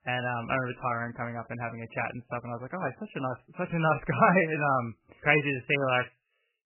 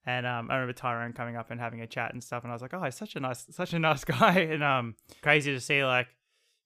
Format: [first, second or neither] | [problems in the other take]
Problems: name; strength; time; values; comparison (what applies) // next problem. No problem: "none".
second | garbled, watery; badly; nothing above 3 kHz